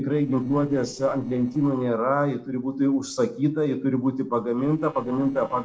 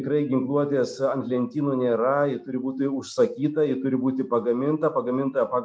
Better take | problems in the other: second | noise reduction (neural separator model SepFormer DNS4)

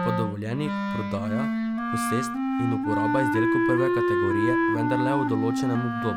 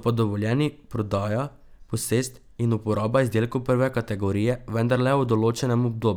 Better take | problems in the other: second | background sound (Wind instrument, woodwind instrument); 5 dB above the speech

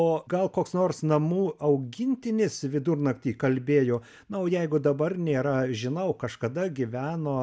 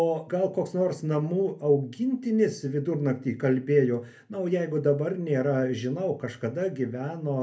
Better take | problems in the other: first | room echo; dies away in 0.3 s

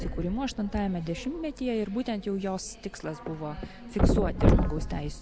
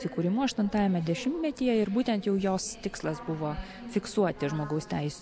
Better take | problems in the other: second | background sound (Thump, thud); 3 dB above the speech

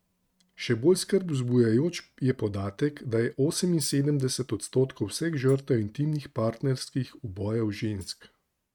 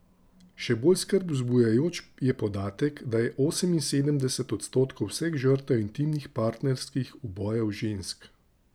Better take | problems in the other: second | noise reduction (neural mask model RNNoise)

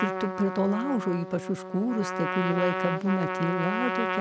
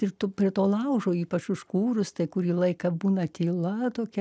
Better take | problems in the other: second | background sound (Trumpet); 3 dB below the speech

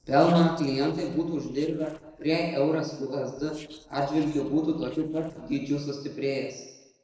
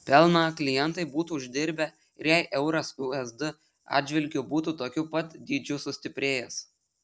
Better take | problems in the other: second | noise reduction (neural separator model SepFormer DNS4)

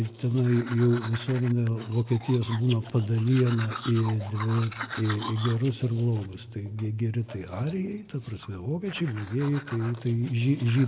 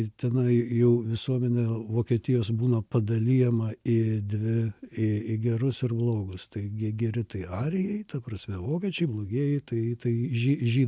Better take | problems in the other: second | background sound (Domestic sounds, home sounds); 16 dB below the speech // room echo; dies away in 1 s

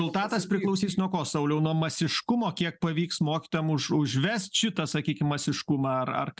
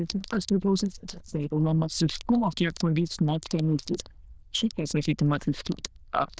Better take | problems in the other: first | noise reduction (neural diffusion model UNIVERSE++)

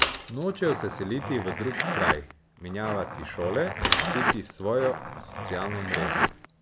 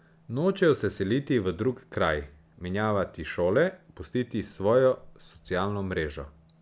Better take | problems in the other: second | background sound (Mechanisms / Bicycle + Zipper (clothing)); 1 dB above the speech

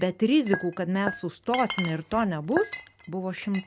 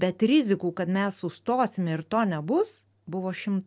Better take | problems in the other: second | background sound (Chink, clink + Glass); 11 dB below the speech

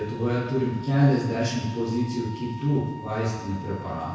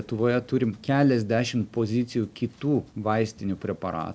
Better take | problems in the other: second | background sound (Wind instrument, woodwind instrument); 16 dB below the speech // room echo; dies away in 1 s

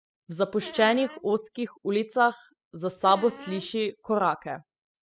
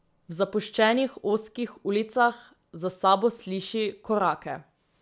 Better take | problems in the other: second | noise reduction (classical method spectral subtraction)

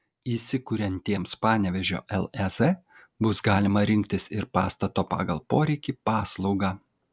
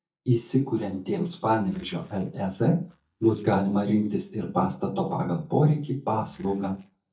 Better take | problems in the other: first | noise reduction (neural mask model DeepFilterNet 3)

